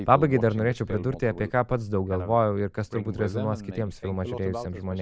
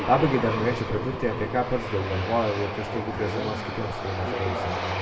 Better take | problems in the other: first | background sound (Aircraft); 6 dB below the speech // room echo; dies away in 1.2 s

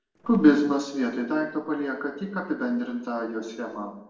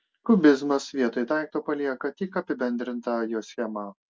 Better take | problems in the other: second | noise reduction (neural separator model SepFormer DNS4)

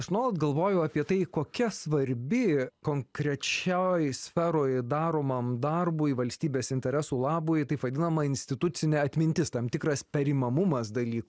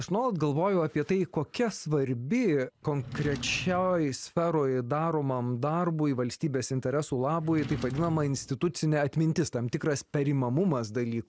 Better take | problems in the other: first | background sound (Drawer open or close); 13 dB below the speech

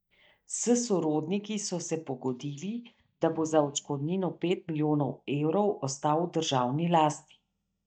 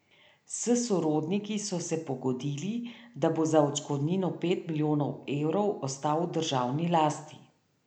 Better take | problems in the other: second | noise reduction (neural mask model DeepFilterNet 3)

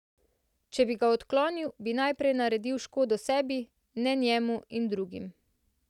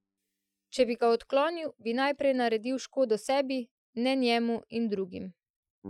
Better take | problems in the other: first | noise reduction (classical method Wiener filter)

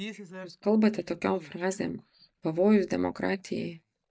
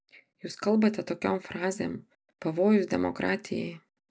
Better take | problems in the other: second | noise reduction (neural mask model DeepFilterNet 3)

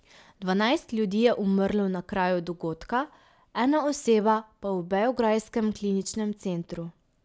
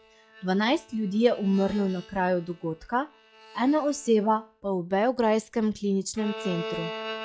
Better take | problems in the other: first | noise reduction (classical method log-MMSE)

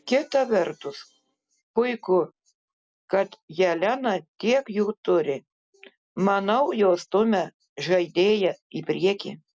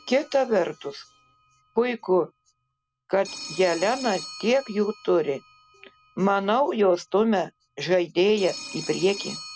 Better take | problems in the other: first | background sound (Telephone); 17 dB below the speech

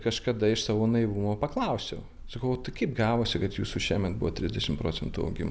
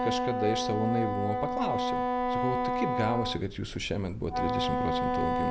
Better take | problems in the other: first | background sound (Wind instrument, woodwind instrument); 2 dB above the speech

